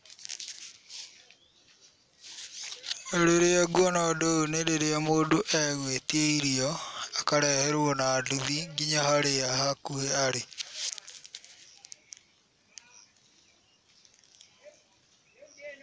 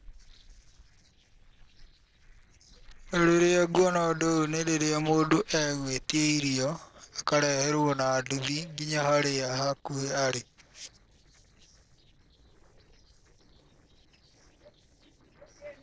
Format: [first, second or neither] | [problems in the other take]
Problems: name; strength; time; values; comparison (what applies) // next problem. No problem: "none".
first | noise reduction (neural separator model SepFormer DNS4)